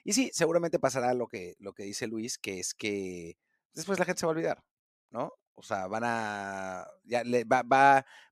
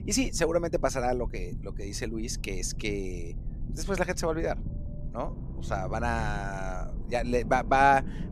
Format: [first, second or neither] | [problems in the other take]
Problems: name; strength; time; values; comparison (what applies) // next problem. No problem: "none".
first | low rumble; faint; throughout; 20 dB below the speech